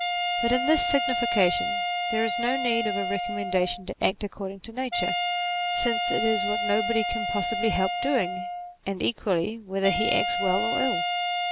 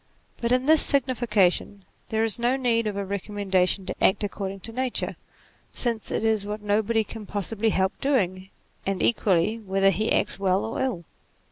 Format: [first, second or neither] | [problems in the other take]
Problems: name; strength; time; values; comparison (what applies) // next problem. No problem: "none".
second | background sound (Wind instrument, woodwind instrument); as loud as the speech